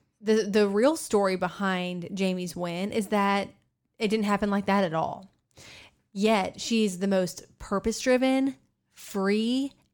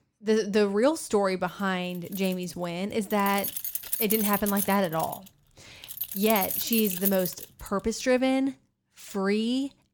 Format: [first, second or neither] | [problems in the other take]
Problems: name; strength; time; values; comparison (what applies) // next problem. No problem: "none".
first | jangling keys; loud; from 2 to 7.5 s; peak 1 dB above the speech